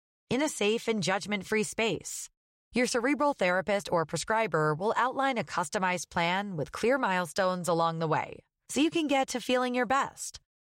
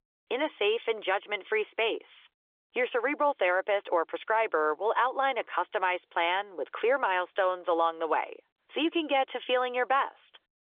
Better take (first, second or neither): first